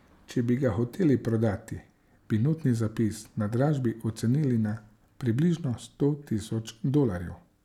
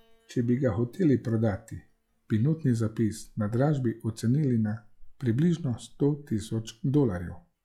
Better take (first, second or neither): first